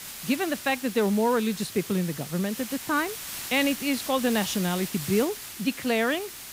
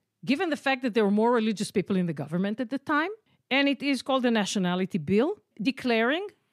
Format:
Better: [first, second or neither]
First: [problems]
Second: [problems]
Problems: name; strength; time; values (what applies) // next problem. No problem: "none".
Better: second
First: hiss; loud; throughout; 9 dB below the speech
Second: none